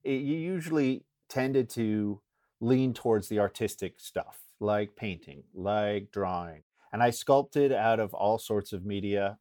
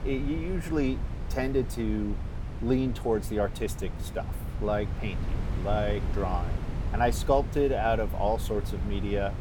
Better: first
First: none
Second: wind noise on the microphone; occasional gusts; 15 dB below the speech

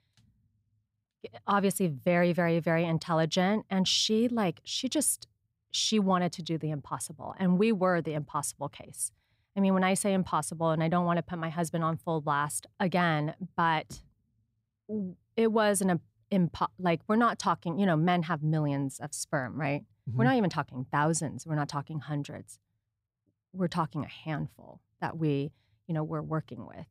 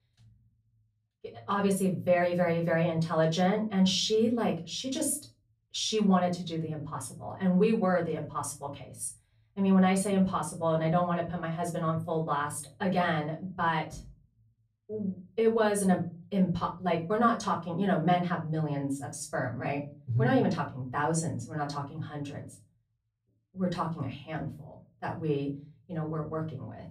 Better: first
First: none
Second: off-mic speech; far // room echo; slight; dies away in 0.3 s

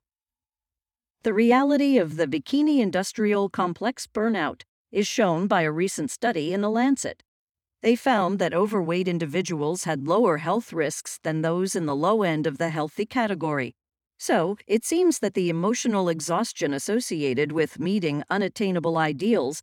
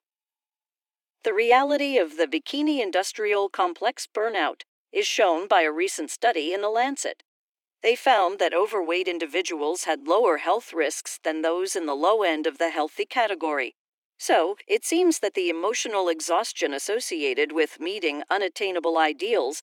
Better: first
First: none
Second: thin; very; fading below 300 Hz

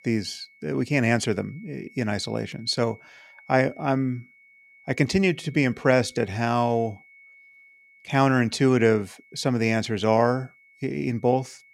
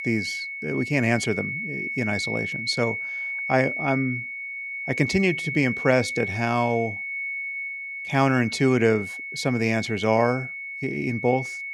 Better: first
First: high-pitched whine; faint; throughout; 2 kHz, 25 dB below the speech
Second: high-pitched whine; loud; throughout; 2 kHz, 5 dB below the speech

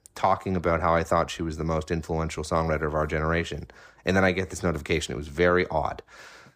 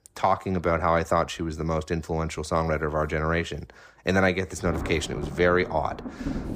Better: first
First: none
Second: rain or running water; noticeable; from 4.5 s on; 10 dB below the speech

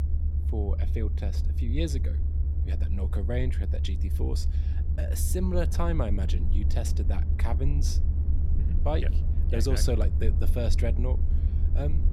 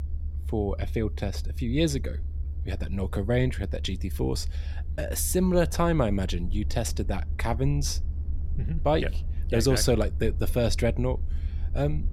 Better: second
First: low rumble; loud; throughout; 8 dB below the speech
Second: low rumble; faint; throughout; 20 dB below the speech

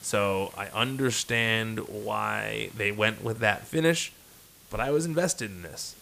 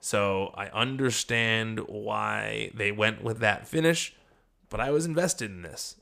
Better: second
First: hiss; faint; throughout; 20 dB below the speech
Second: none

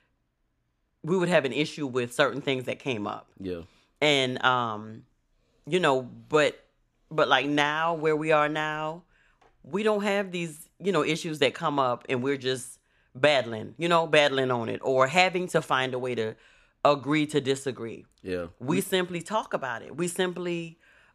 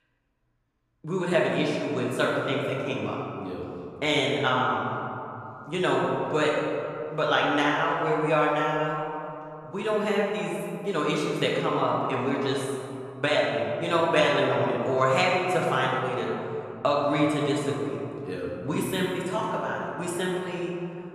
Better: first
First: none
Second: room echo; noticeable; dies away in 2.6 s // off-mic speech; far

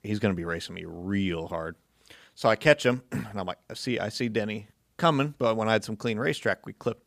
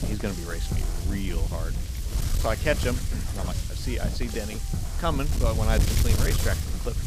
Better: first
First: none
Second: wind noise on the microphone; heavy; 5 dB below the speech

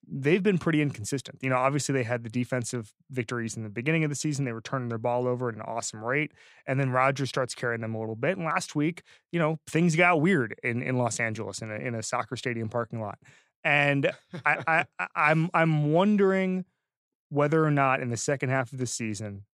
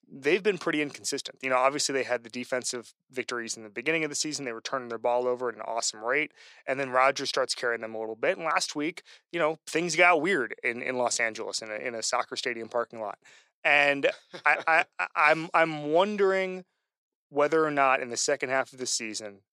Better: first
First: none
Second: thin; somewhat; fading below 450 Hz

